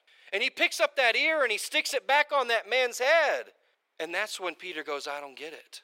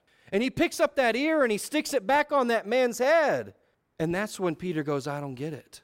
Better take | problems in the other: second | thin; very; fading below 500 Hz

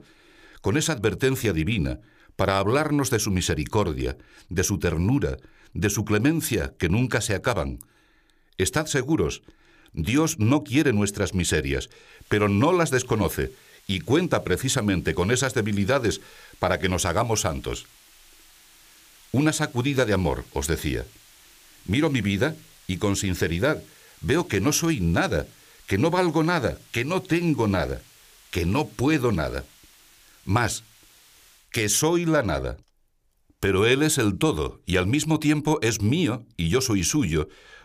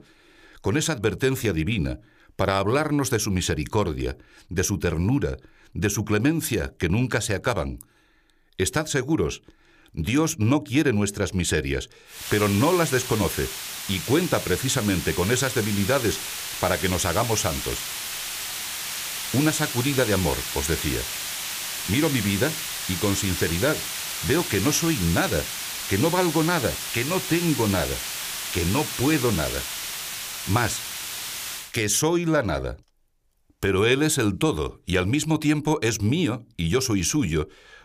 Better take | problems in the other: first | hiss; loud; from 12 to 32 s; 5 dB below the speech; faint in the first

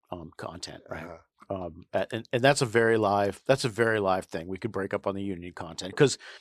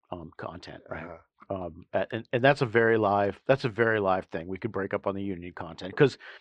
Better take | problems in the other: first | muffled; slightly; fading above 2.5 kHz

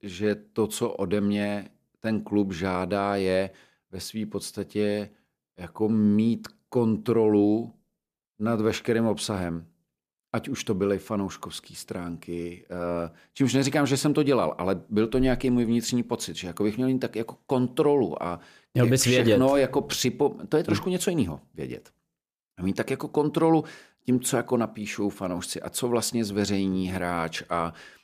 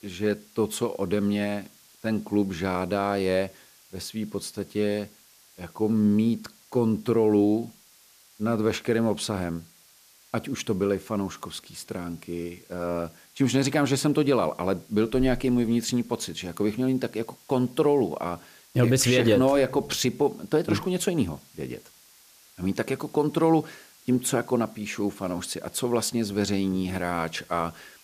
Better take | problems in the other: first | hiss; faint; throughout; 25 dB below the speech

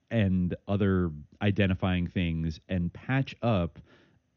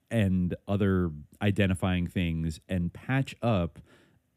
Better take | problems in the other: second | garbled, watery; slightly; nothing above 6 kHz

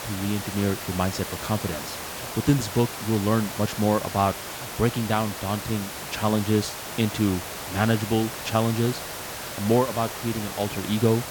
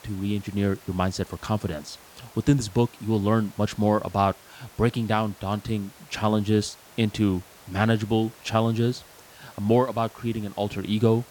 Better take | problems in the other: second | hiss; loud; throughout; 7 dB below the speech; faint in the second

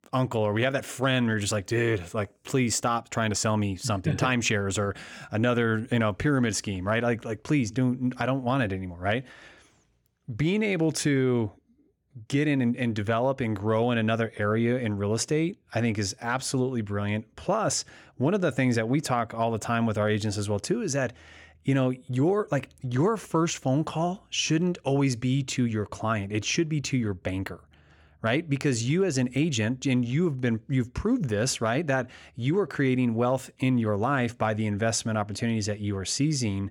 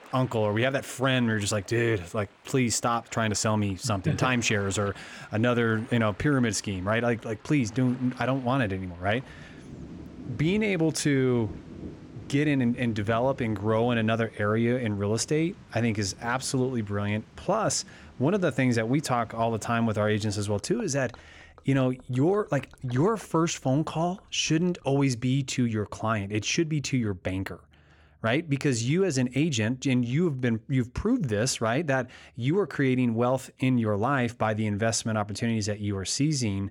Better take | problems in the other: first | rain or running water; faint; until 26 s; 20 dB below the speech

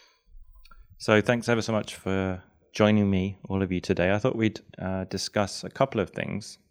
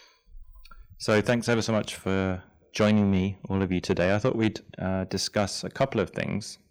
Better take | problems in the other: first | distortion; slight; 10 dB below the speech

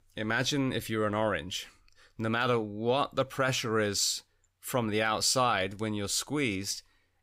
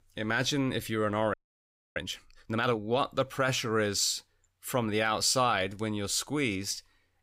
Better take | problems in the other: first | audio freezing; at 1.5 s for 0.5 s

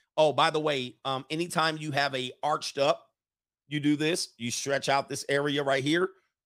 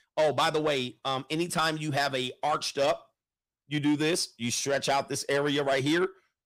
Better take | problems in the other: first | distortion; slight; 10 dB below the speech

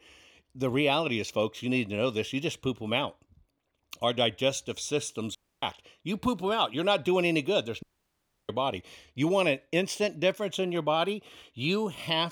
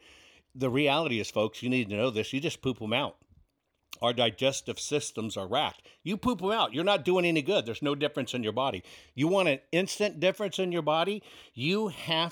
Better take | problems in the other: second | audio cutting out; at 5.5 s and at 8 s for 0.5 s

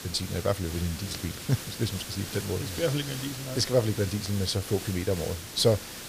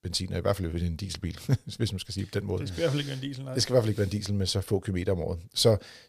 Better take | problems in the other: second | hiss; loud; throughout; 8 dB below the speech

